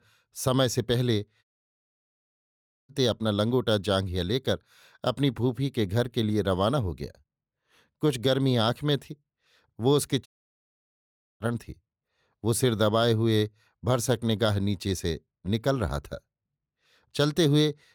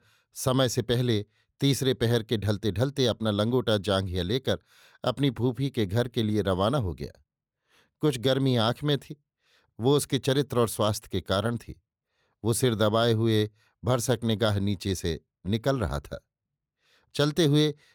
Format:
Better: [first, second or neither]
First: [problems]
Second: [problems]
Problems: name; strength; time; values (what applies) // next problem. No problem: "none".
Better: second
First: audio cutting out; at 1.5 s for 1.5 s and at 10 s for 1 s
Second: none